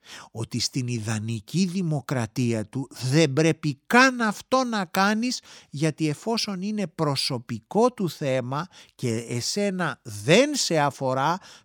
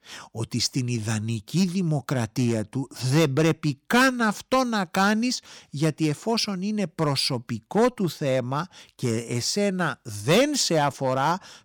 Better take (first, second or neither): first